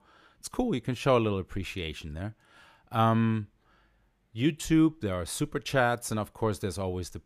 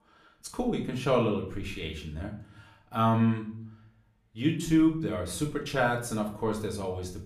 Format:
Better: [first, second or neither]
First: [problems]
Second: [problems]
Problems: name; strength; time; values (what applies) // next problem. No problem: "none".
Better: first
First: none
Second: room echo; slight; dies away in 0.5 s // off-mic speech; somewhat distant